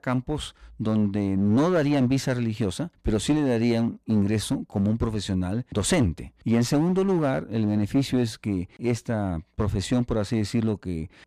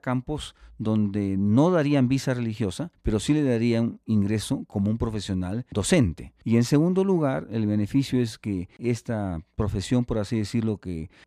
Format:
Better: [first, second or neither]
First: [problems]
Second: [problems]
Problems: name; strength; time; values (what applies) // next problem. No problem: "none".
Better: second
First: distortion; slight; 7% of the sound clipped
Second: none